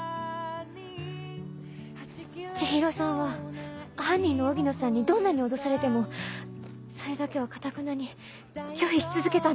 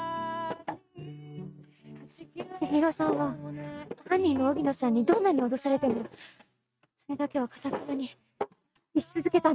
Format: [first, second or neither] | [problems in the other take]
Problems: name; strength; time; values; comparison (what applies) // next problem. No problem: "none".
first | noise reduction (neural mask model RNNoise)